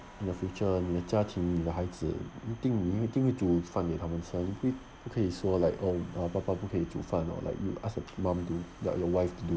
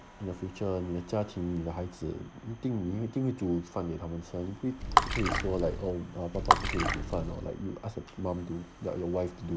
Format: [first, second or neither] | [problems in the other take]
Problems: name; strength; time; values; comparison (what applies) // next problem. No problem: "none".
first | background sound (Water / Splash, splatter); 4 dB above the speech